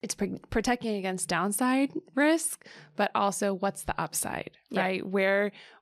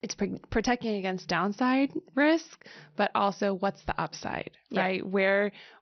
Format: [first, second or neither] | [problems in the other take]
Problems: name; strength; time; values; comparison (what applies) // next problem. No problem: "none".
first | garbled, watery; slightly; nothing above 6 kHz